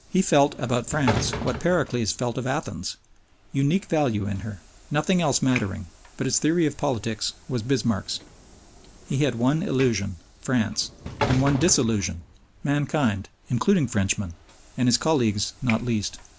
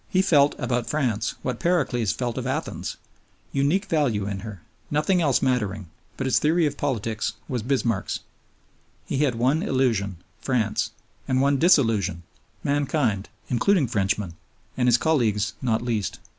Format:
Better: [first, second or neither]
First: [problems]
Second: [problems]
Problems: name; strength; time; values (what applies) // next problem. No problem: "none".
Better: second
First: background sound (Sliding door / Train); 12 dB below the speech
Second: none